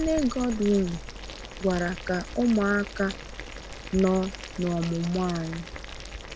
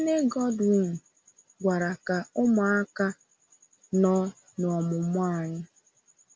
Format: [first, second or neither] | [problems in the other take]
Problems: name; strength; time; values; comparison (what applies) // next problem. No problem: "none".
second | background sound (Boiling); 11 dB below the speech